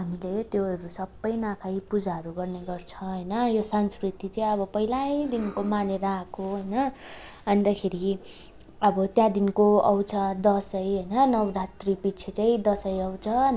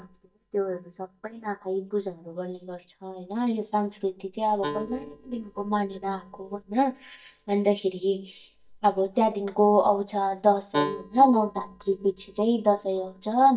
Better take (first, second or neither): first